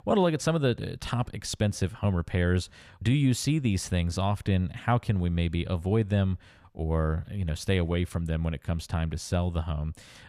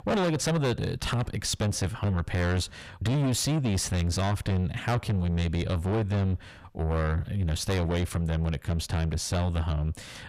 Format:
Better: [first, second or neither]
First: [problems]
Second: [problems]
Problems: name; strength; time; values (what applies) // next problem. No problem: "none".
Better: first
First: none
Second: distortion; heavy; 6 dB below the speech